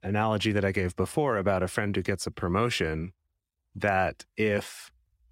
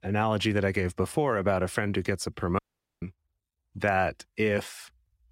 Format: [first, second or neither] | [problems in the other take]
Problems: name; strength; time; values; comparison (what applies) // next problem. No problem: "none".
first | audio cutting out; at 2.5 s